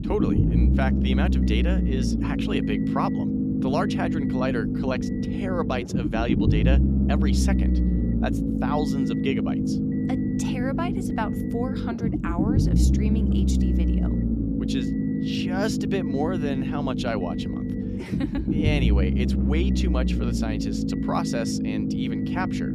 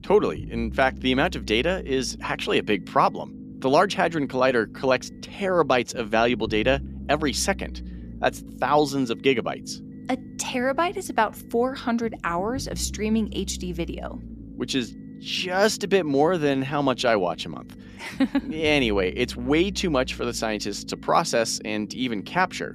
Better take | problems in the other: second | low rumble; loud; throughout; as loud as the speech; faint in the second

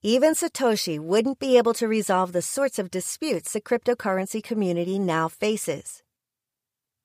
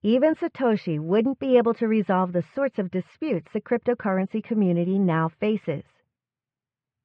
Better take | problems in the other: first | muffled; very; fading above 2.5 kHz

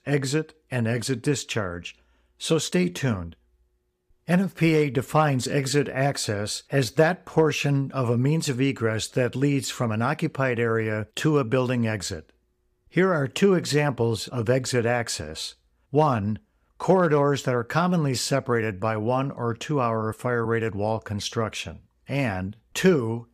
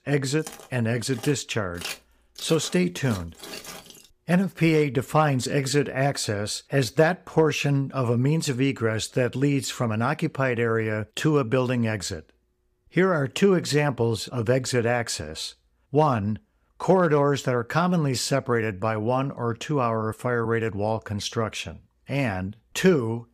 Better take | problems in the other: first | footsteps; faint; until 4 s; peak 10 dB below the speech

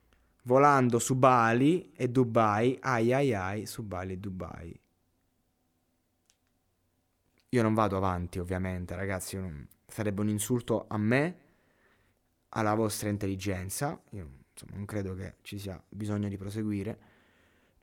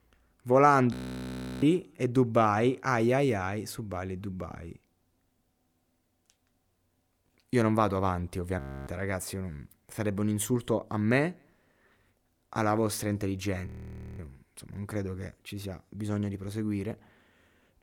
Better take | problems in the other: first | audio freezing; at 1 s for 0.5 s, at 8.5 s and at 14 s for 0.5 s

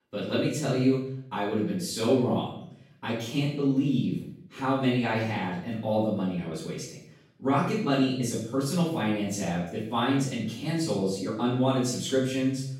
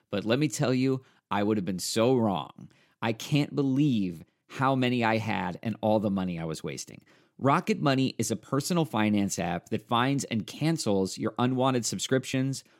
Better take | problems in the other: second | off-mic speech; far // room echo; noticeable; dies away in 0.6 s

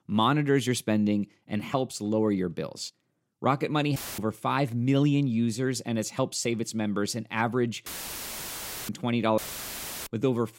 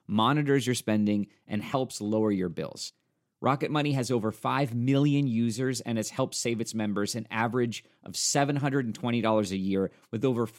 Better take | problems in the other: second | audio cutting out; filled with static; at 4 s, at 8 s for 1 s and at 9.5 s for 0.5 s

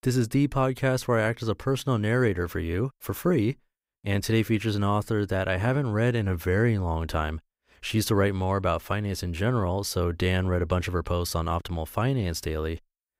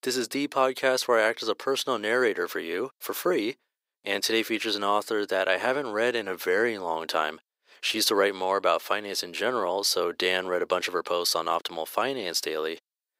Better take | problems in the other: first | thin; very; fading below 400 Hz

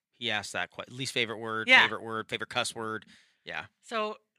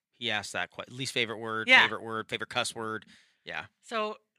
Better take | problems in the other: neither | thin; somewhat; fading below 750 Hz; the same in both

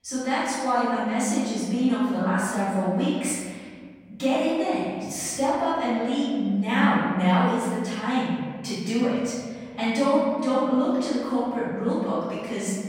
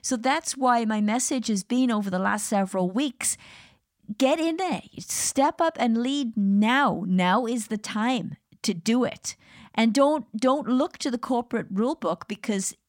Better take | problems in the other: second | room echo; strong; dies away in 1.8 s // off-mic speech; far

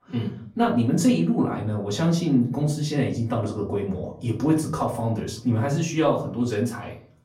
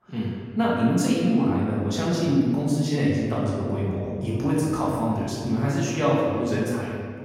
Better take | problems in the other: first | room echo; strong; dies away in 2 s; slight in the first // off-mic speech; far; far in the first

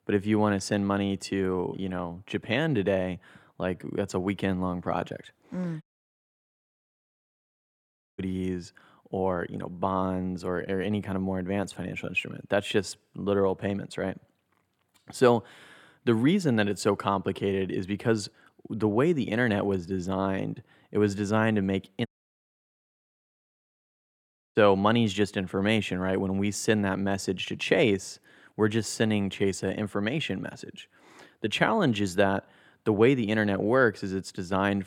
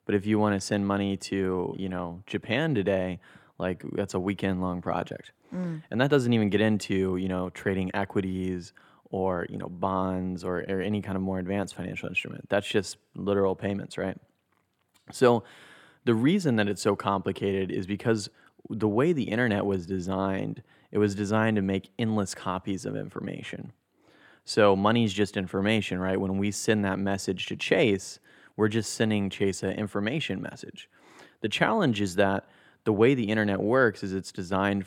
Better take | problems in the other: second | audio cutting out; at 6 s for 2.5 s and at 22 s for 2.5 s

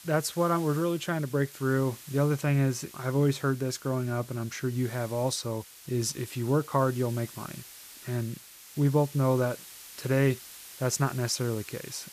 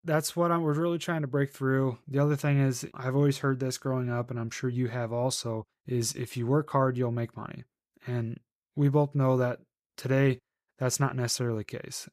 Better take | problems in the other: second | hiss; noticeable; throughout; 15 dB below the speech

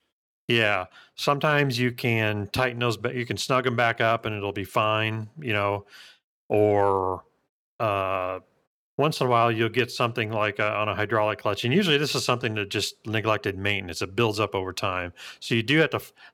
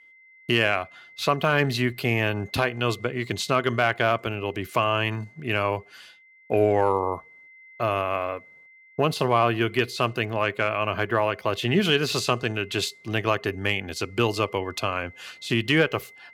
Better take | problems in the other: first | high-pitched whine; faint; throughout; 2 kHz, 25 dB below the speech

